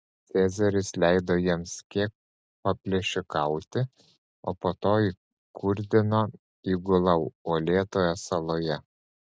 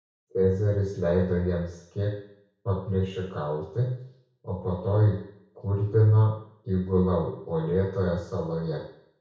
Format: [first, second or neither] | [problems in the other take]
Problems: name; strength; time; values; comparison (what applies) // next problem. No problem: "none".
first | room echo; dies away in 0.6 s